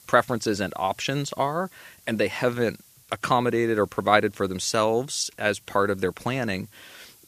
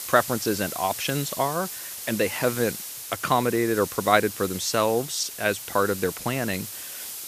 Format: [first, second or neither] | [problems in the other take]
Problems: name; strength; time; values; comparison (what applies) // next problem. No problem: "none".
first | hiss; loud; throughout; 8 dB below the speech; faint in the first